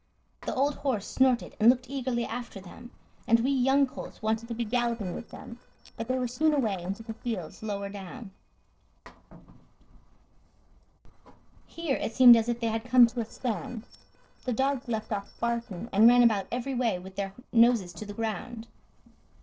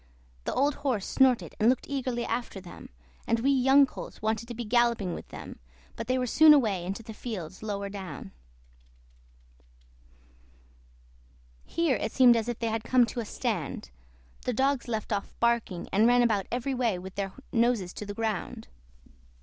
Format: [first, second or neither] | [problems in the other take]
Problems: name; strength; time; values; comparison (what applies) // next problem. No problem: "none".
second | noise reduction (neural separator model SepFormer DNS4)